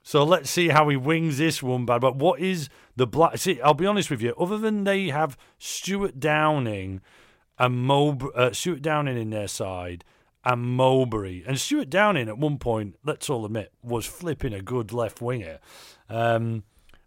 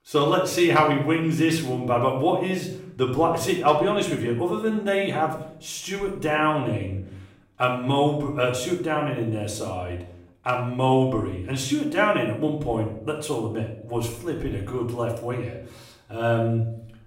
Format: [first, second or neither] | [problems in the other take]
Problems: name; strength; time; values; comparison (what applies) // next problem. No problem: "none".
first | off-mic speech; far // room echo; slight; dies away in 0.6 s